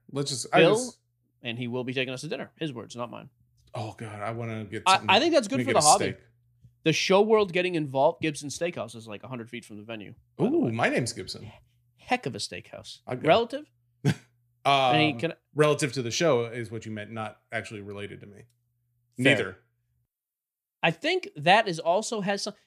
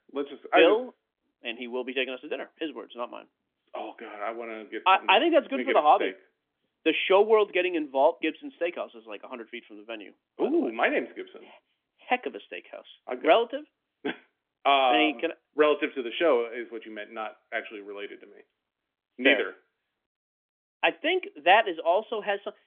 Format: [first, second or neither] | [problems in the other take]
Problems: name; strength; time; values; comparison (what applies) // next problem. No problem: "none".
first | phone-call audio; nothing above 3.5 kHz